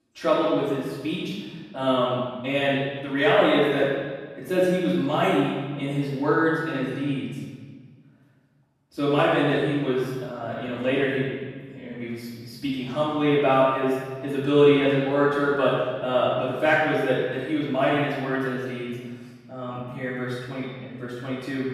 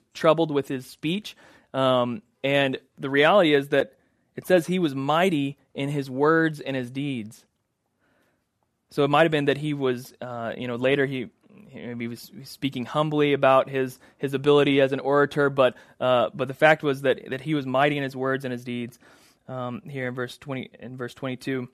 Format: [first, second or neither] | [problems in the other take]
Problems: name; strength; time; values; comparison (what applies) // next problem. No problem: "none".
second | off-mic speech; far // room echo; strong; dies away in 1.4 s